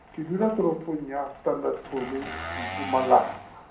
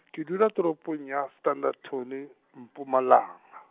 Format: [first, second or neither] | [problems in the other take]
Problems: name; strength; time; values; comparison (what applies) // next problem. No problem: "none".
second | background sound (Engine); 11 dB below the speech // room echo; dies away in 0.6 s